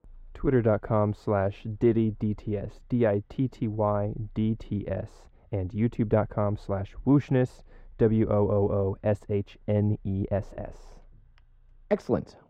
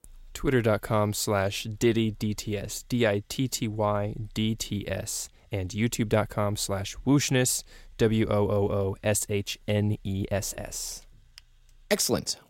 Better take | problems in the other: second | muffled; very; fading above 3.5 kHz

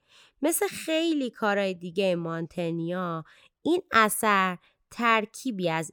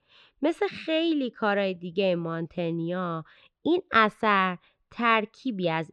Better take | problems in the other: first | muffled; very slightly; fading above 4 kHz

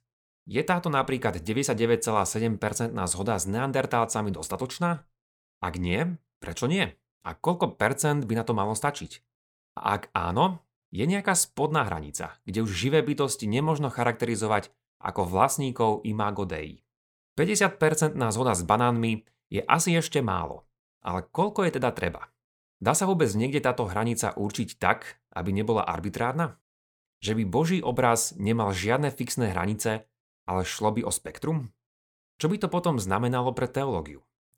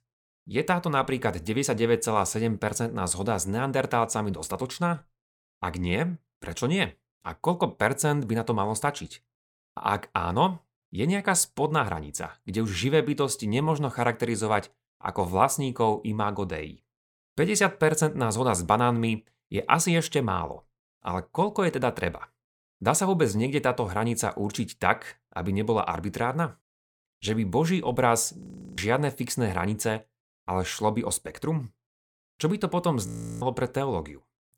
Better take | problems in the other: first | audio freezing; at 28 s and at 33 s

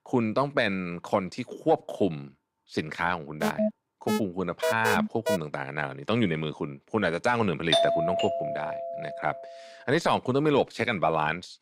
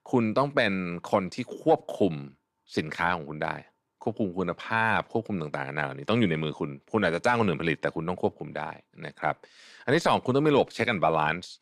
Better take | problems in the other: second | alarm; loud; from 3.5 to 5.5 s; peak 1 dB above the speech // doorbell; loud; from 7.5 to 9 s; peak 5 dB above the speech

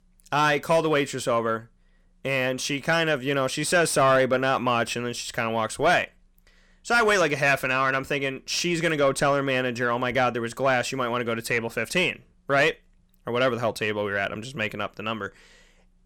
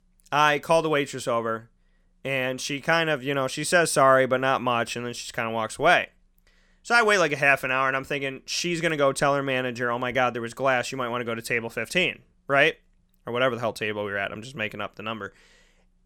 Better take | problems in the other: second | distortion; slight; 10 dB below the speech

